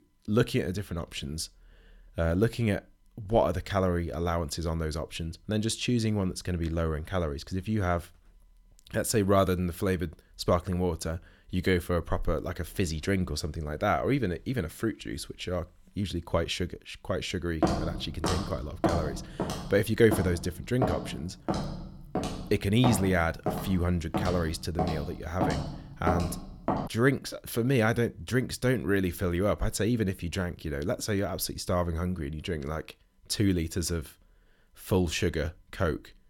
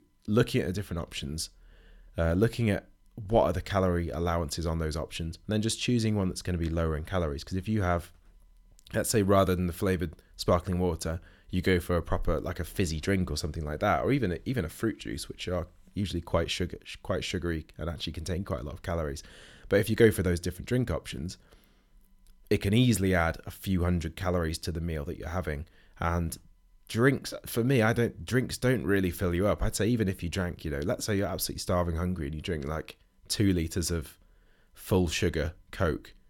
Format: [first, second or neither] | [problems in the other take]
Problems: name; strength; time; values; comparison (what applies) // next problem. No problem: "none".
second | footsteps; loud; from 18 to 27 s; peak 1 dB above the speech